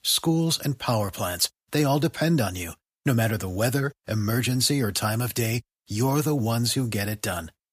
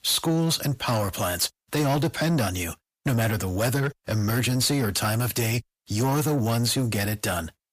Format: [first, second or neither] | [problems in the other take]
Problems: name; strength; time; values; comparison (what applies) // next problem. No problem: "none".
first | distortion; slight; 10 dB below the speech